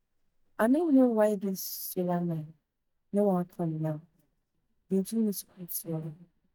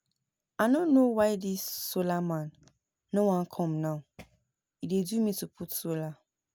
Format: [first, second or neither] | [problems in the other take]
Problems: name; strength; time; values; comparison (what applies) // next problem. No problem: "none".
second | noise reduction (neural mask model DeepFilterNet 3)